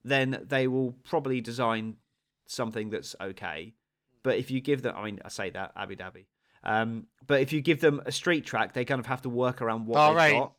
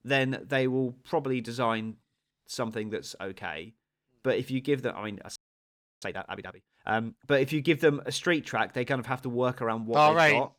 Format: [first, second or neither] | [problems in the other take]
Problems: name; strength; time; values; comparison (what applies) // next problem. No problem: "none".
first | audio freezing; at 5.5 s for 0.5 s